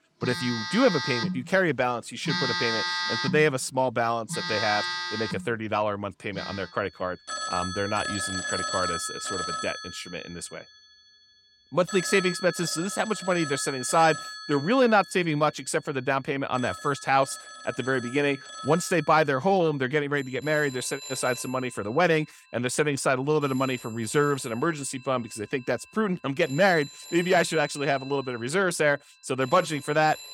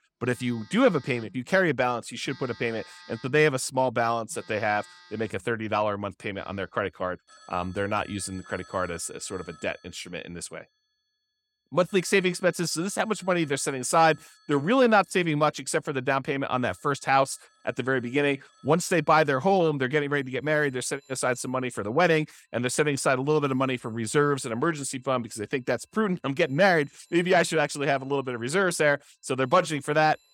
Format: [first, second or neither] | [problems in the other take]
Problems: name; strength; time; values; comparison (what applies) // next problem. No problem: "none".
second | alarms or sirens; loud; throughout; 7 dB below the speech; faint in the second